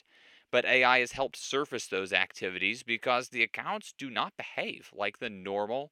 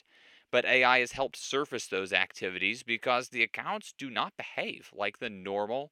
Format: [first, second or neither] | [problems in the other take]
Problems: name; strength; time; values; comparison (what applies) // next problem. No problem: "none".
neither | thin; very slightly; fading below 350 Hz; the same in both